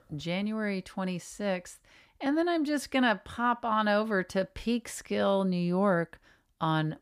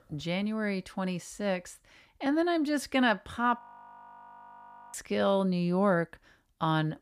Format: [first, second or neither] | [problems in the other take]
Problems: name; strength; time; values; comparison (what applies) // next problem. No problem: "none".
first | audio freezing; at 3.5 s for 1.5 s